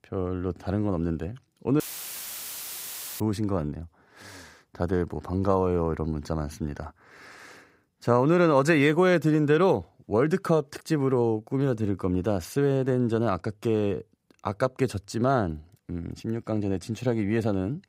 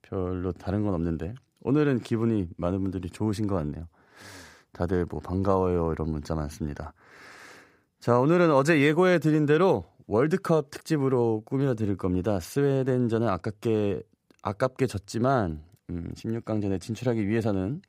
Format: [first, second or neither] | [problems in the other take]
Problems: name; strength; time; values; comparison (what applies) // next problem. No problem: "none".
second | audio cutting out; filled with static; at 2 s for 1.5 s